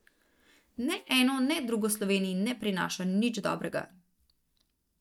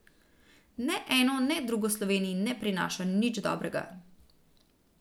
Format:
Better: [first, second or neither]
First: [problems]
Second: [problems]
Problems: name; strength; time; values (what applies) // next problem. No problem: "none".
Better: second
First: noise reduction (neural mask model DeepFilterNet 3)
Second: none